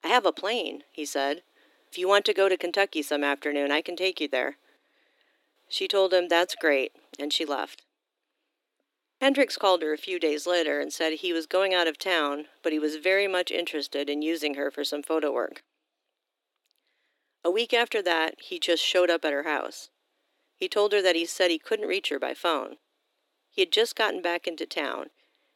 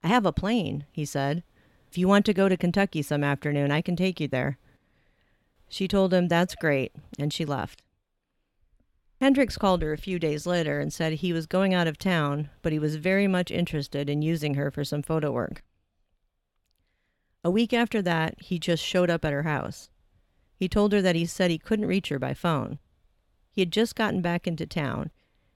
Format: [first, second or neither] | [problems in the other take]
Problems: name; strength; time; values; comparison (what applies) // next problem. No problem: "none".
second | thin; somewhat; fading below 300 Hz